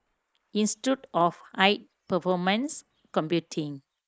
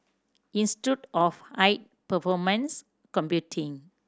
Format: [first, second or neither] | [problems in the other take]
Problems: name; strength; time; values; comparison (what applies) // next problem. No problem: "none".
second | noise reduction (neural mask model Resemble Enhance denoiser)